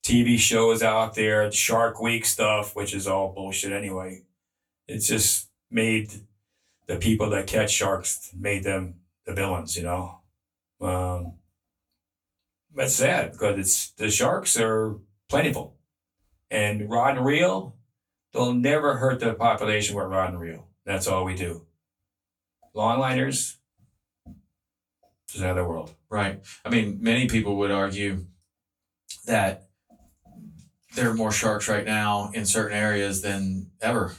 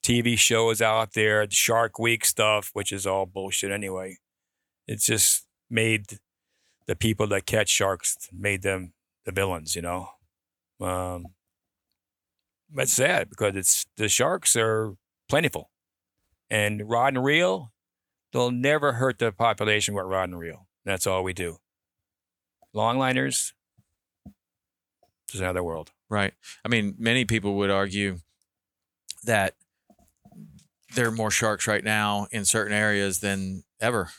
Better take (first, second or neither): second